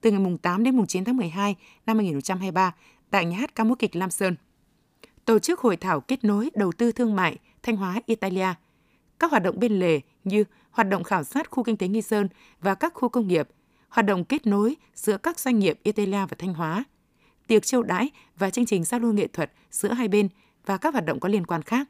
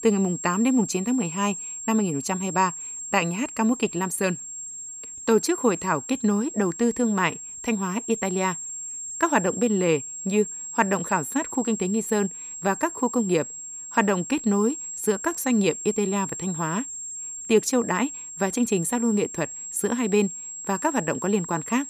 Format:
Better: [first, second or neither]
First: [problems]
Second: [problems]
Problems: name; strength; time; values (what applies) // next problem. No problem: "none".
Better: first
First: none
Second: high-pitched whine; loud; throughout; 7.5 kHz, 8 dB below the speech